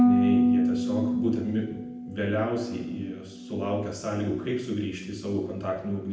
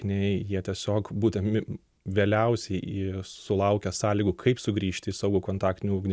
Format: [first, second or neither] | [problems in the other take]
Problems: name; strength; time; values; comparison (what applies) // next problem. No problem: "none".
second | background sound (Harp); 2 dB above the speech // room echo; dies away in 0.9 s